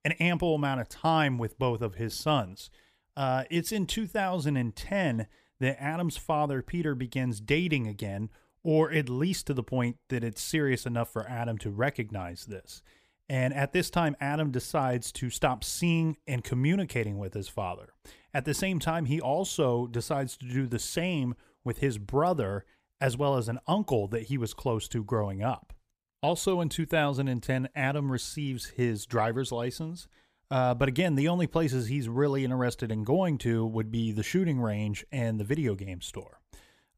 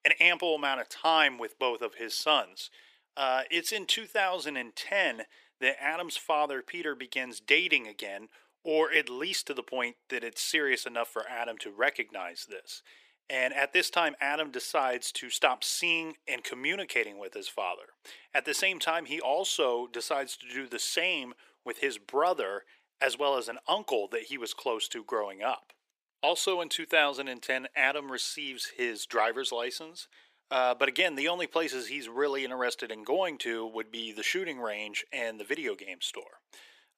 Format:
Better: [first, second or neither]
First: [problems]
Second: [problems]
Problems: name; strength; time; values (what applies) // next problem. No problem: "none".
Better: first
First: none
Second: thin; very; fading below 350 Hz